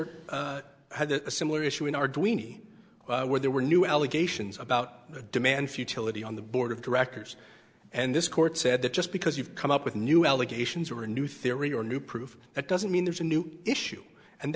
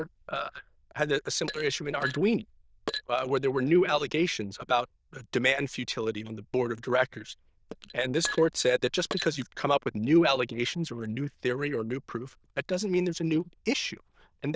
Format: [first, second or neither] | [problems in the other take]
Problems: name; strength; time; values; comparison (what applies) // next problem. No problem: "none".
first | noise reduction (neural diffusion model UNIVERSE++)